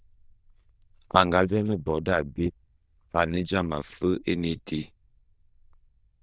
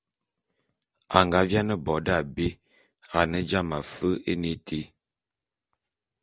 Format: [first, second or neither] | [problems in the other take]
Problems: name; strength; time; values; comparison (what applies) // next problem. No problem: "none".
second | noise reduction (neural diffusion model UNIVERSE++)